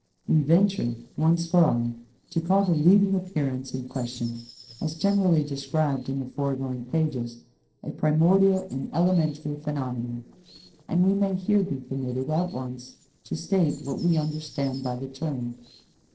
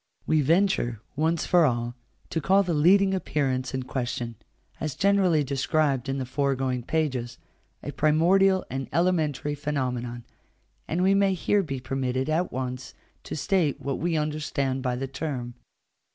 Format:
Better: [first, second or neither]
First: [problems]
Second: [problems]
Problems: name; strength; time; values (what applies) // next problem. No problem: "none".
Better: second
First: noise reduction (neural separator model SepFormer DNS4)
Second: none